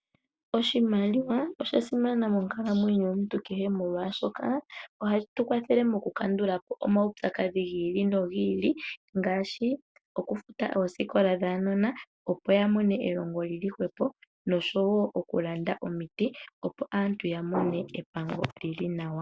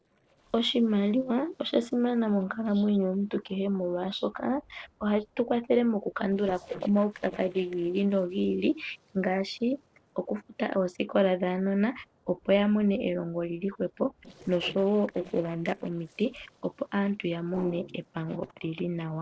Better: first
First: none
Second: noise reduction (neural separator model SepFormer DNS4)

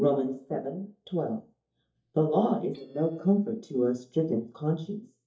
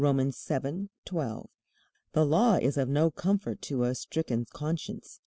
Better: second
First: noise reduction (neural mask model DeepFilterNet 3)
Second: none

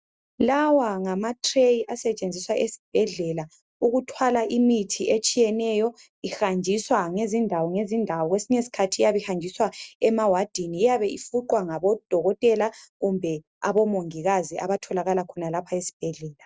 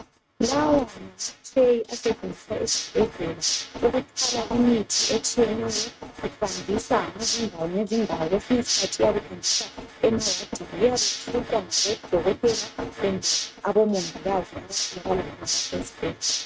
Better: first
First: none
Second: noise reduction (neural mask model RNNoise)

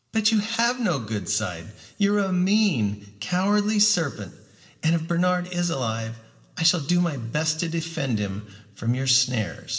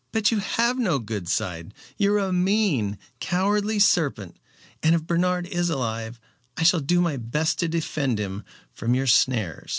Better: second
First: room echo; dies away in 0.9 s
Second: none

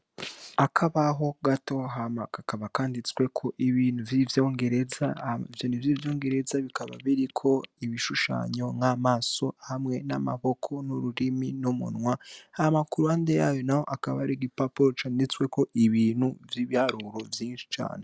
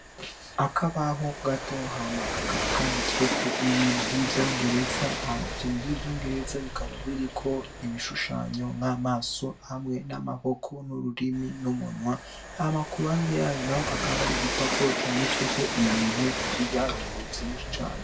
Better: first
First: none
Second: background sound (Train); 2 dB below the speech // room echo; dies away in 0.2 s

